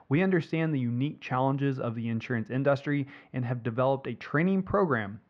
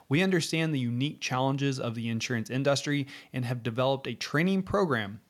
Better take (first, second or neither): second